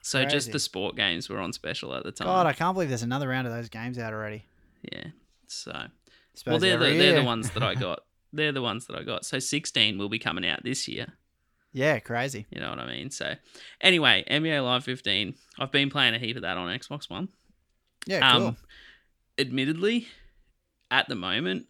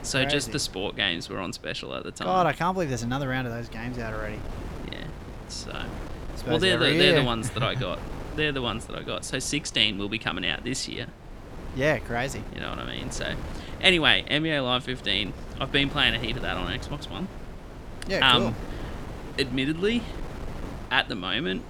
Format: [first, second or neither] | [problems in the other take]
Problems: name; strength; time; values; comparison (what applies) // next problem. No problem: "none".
first | wind noise on the microphone; occasional gusts; 20 dB below the speech